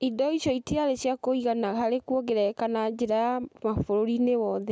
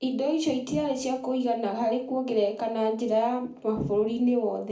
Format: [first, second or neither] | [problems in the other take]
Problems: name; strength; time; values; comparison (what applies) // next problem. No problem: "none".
first | room echo; dies away in 0.4 s